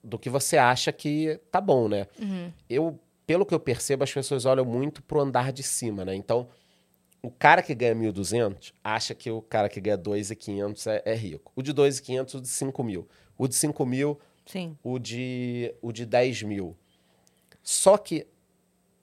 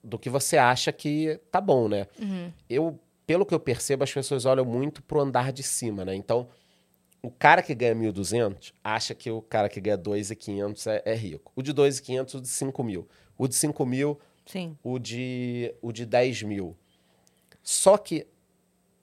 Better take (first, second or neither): neither